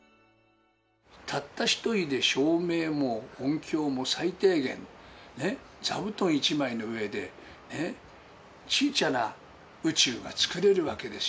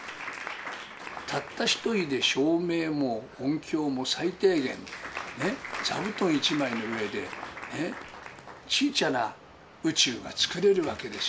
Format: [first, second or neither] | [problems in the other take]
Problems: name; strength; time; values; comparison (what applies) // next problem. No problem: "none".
first | background sound (Applause); 12 dB below the speech